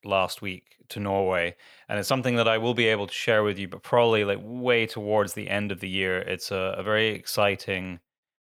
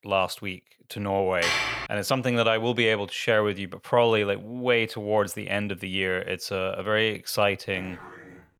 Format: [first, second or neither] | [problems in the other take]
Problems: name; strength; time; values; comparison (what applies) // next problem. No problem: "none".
first | clattering dishes; loud; at 1.5 s; peak 1 dB above the speech // dog barking; faint; at 7.5 s; peak 15 dB below the speech